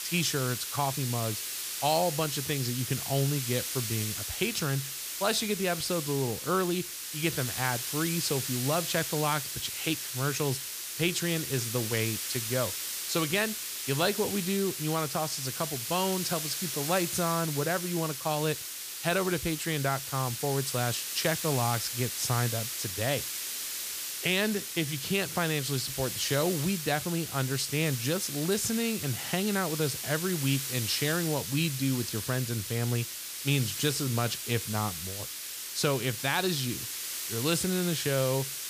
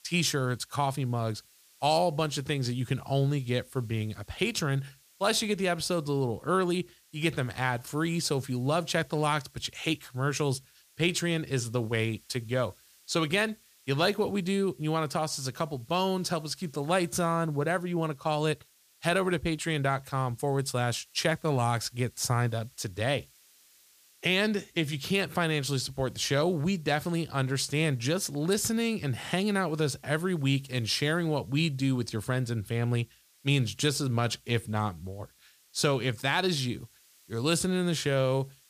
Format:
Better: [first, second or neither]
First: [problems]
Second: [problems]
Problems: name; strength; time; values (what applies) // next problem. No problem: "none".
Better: second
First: hiss; loud; throughout; 3 dB below the speech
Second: hiss; faint; throughout; 30 dB below the speech